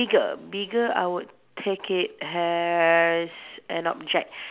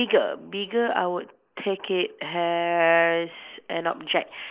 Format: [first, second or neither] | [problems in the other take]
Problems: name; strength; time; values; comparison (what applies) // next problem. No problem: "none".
first | noise reduction (neural mask model Resemble Enhance denoiser)